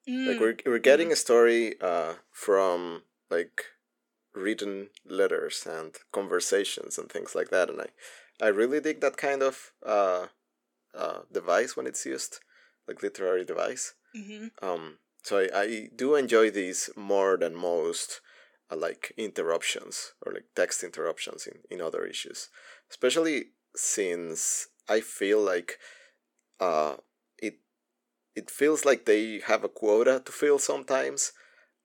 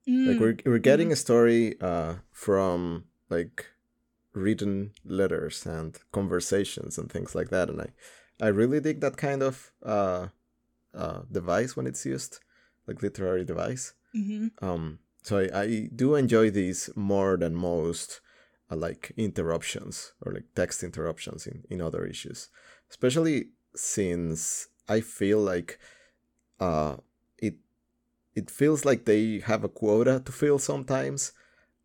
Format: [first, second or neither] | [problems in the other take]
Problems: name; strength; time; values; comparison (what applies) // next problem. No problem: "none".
second | thin; somewhat; fading below 350 Hz